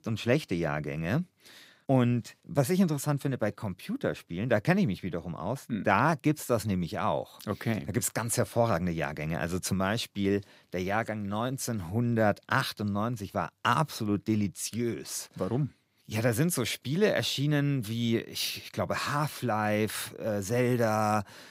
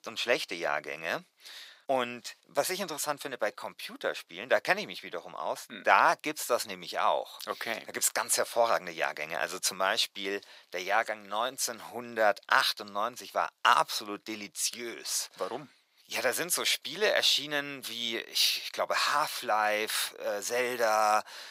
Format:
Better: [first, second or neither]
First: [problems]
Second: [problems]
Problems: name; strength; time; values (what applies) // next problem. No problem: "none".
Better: first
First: none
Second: thin; very; fading below 700 Hz